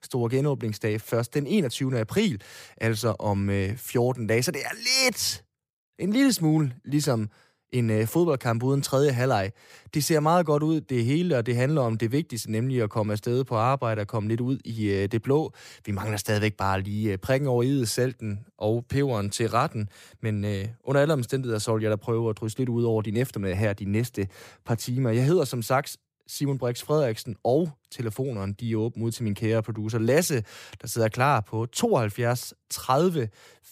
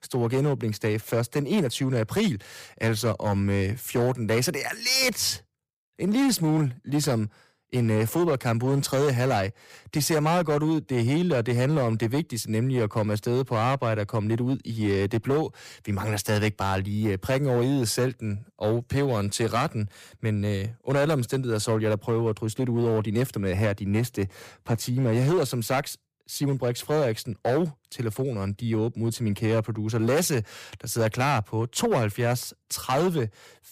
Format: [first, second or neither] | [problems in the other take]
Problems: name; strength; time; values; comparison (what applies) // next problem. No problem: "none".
first | distortion; slight; 8% of the sound clipped